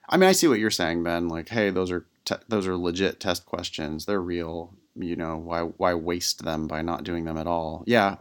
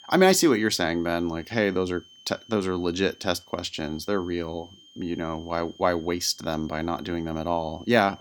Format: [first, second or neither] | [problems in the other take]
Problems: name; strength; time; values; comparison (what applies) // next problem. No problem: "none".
first | high-pitched whine; faint; throughout; 3 kHz, 25 dB below the speech